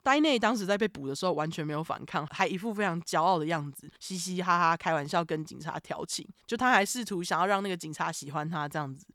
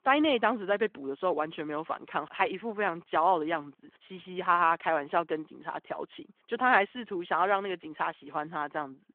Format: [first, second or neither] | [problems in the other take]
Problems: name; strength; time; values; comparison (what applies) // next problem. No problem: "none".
first | phone-call audio